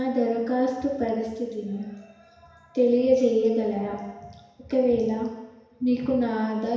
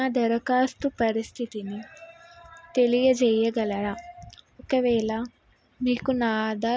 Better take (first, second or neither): second